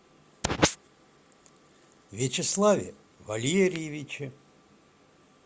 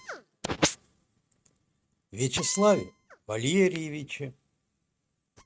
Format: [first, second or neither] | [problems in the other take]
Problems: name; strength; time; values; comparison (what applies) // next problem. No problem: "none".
first | noise reduction (neural mask model RNNoise)